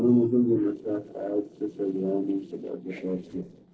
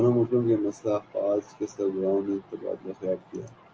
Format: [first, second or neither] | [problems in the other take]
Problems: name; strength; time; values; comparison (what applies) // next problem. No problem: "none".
second | noise reduction (neural separator model SepFormer DNS4)